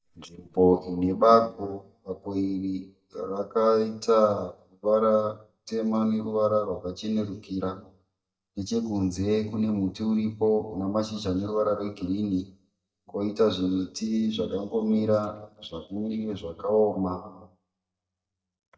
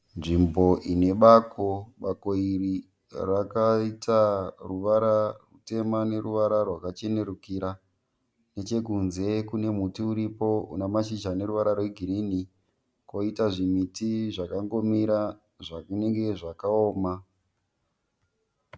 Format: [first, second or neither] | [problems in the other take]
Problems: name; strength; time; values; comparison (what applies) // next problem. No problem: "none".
second | noise reduction (neural mask model DeepFilterNet 3)